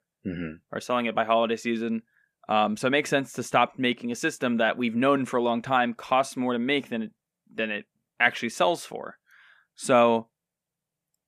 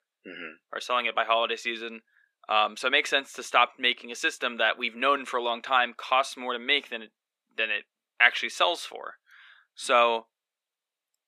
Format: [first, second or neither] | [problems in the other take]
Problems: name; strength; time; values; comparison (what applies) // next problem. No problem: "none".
first | thin; somewhat; fading below 350 Hz